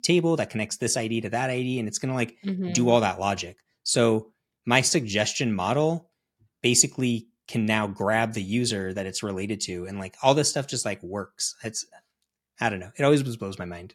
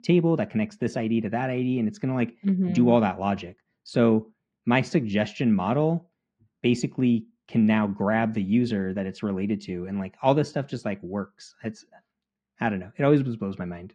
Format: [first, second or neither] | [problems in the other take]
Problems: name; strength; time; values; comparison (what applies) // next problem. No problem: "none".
first | muffled; very; fading above 2.5 kHz